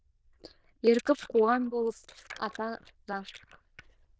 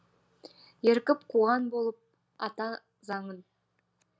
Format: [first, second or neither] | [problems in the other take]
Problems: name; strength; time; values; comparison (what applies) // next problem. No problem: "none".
second | noise reduction (neural diffusion model UNIVERSE++)